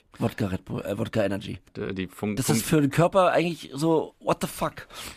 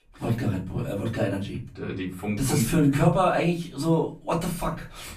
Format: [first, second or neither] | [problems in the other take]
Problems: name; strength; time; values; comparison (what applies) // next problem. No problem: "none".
first | room echo; slight; dies away in 0.3 s // off-mic speech; far